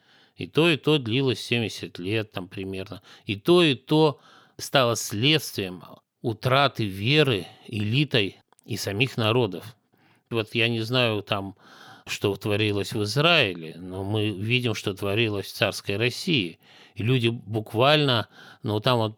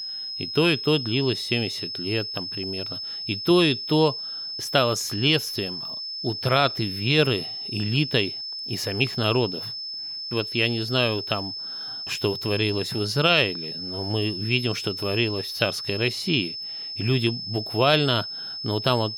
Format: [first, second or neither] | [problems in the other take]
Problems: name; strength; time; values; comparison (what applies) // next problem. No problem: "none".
first | high-pitched whine; loud; throughout; 5 kHz, 6 dB below the speech